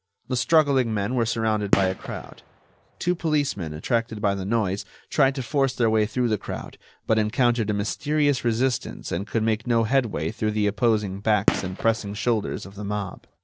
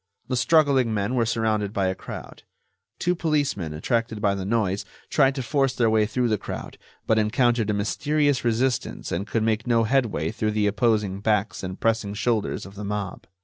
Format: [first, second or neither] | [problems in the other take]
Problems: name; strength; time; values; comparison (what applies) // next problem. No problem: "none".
second | background sound (Gunshot, gunfire); 8 dB below the speech